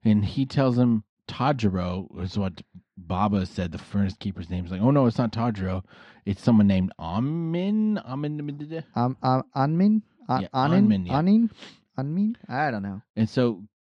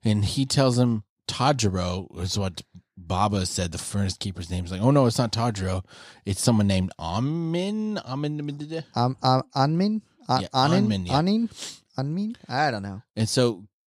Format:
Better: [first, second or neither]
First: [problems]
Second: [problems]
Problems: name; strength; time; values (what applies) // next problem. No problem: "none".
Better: second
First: muffled; slightly; fading above 2.5 kHz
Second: none